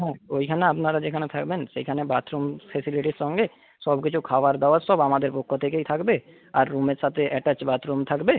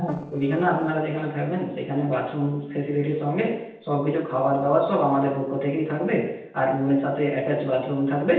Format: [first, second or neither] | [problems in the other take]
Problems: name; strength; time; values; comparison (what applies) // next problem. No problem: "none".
first | noise reduction (neural separator model SepFormer DNS4)